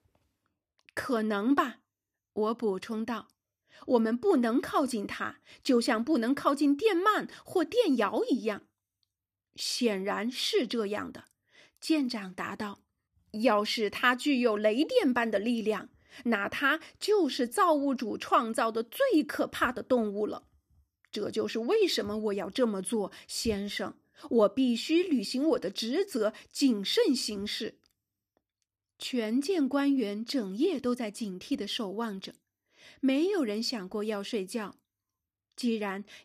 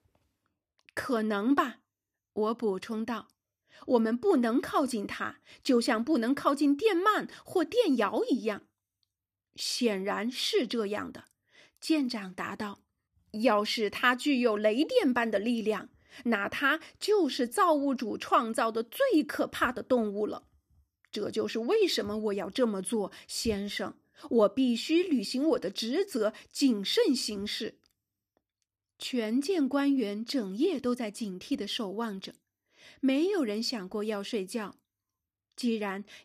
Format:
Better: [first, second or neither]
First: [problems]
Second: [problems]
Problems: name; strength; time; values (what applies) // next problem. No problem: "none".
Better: neither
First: none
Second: none